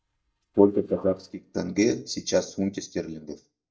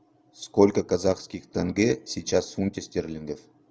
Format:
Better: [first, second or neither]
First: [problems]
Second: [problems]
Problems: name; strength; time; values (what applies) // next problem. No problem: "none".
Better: second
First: noise reduction (neural mask model DeepFilterNet 3)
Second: none